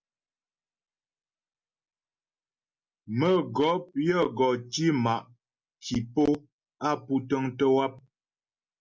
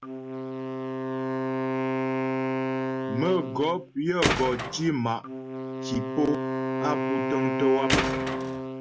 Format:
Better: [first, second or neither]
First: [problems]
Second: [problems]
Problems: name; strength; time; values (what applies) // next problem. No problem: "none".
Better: first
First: none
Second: background sound (Tools + Wind instrument, woodwind instrument); 1 dB above the speech